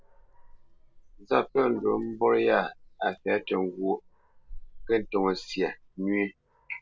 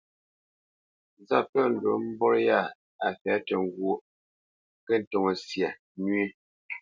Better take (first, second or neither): second